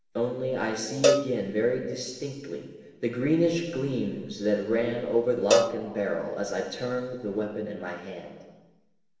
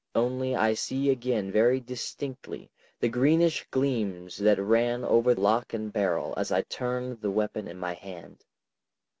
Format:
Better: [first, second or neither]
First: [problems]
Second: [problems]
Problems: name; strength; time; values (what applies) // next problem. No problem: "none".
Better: second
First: background sound (Cowbell); as loud as the speech // room echo; dies away in 1.3 s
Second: none